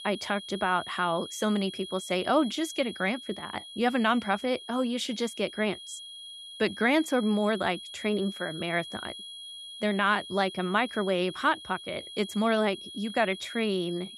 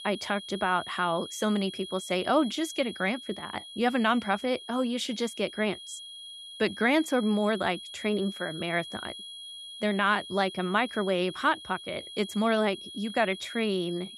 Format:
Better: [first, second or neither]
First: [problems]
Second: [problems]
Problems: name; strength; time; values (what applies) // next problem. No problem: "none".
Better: neither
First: high-pitched whine; noticeable; throughout; 3.5 kHz, 10 dB below the speech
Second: high-pitched whine; noticeable; throughout; 3.5 kHz, 10 dB below the speech